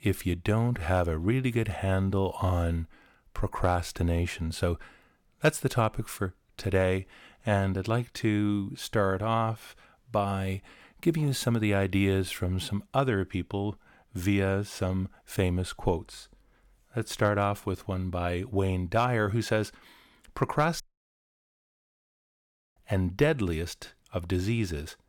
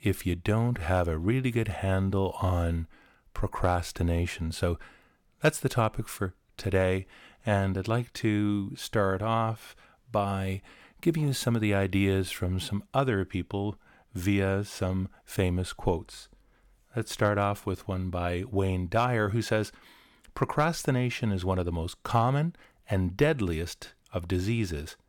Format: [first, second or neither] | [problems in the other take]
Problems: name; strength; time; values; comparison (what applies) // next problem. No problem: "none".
second | audio cutting out; at 21 s for 2 s